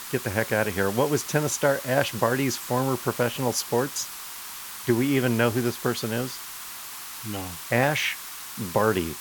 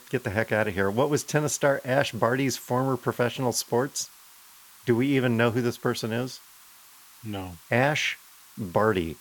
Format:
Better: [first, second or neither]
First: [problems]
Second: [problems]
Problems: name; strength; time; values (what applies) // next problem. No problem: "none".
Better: second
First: hiss; loud; throughout; 10 dB below the speech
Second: hiss; faint; throughout; 25 dB below the speech